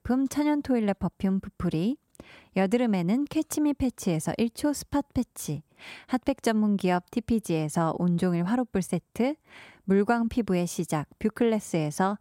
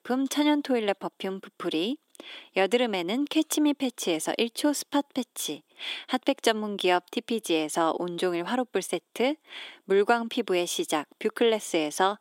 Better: first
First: none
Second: thin; very slightly; fading below 300 Hz

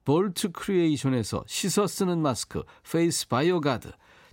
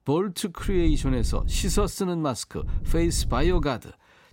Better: first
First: none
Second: low rumble; noticeable; from 0.5 to 2 s and from 2.5 to 3.5 s; 20 dB below the speech

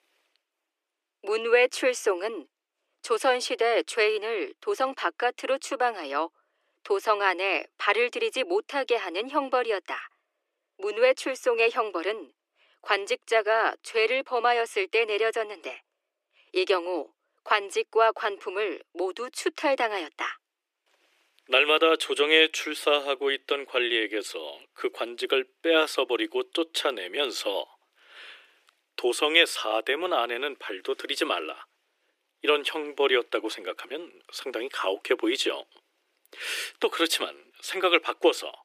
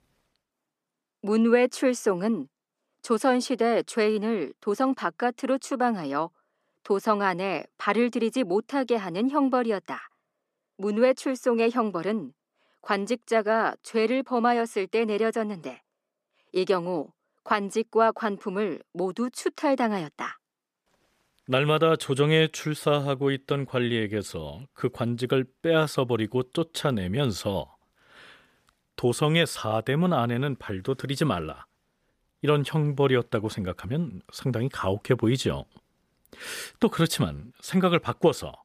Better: second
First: thin; very; fading below 300 Hz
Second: none

